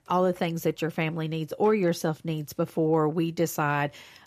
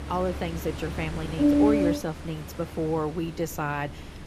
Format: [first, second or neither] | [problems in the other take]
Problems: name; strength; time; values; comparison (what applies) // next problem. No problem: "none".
first | rain or running water; very loud; throughout; 4 dB above the speech